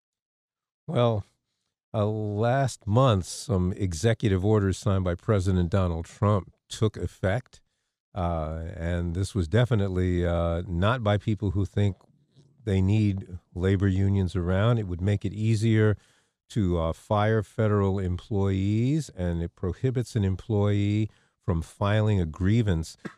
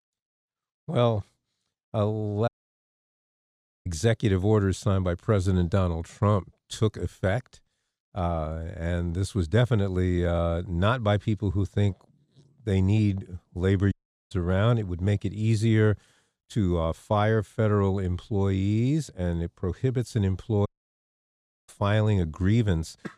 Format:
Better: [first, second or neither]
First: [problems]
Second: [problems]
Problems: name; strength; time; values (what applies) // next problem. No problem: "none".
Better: first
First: none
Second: audio cutting out; at 2.5 s for 1.5 s, at 14 s and at 21 s for 1 s